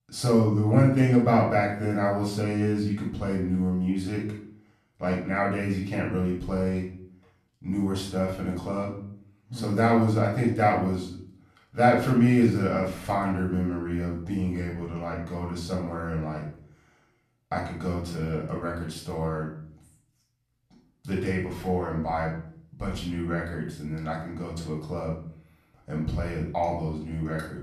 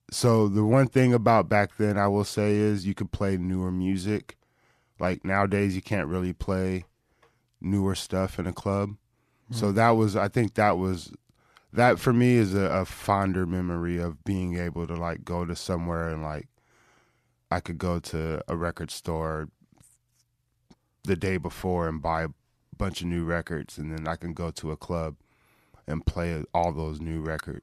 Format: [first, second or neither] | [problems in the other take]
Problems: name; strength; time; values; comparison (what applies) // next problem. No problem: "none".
second | off-mic speech; far // room echo; noticeable; dies away in 0.5 s